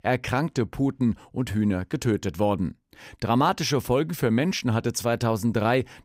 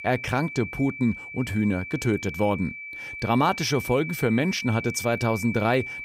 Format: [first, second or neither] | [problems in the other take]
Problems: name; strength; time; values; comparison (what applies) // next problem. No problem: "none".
first | high-pitched whine; loud; throughout; 2.5 kHz, 9 dB below the speech